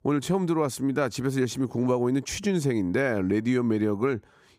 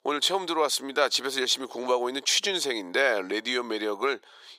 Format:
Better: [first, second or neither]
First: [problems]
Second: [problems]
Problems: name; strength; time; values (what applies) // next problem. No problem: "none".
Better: first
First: none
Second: thin; very; fading below 500 Hz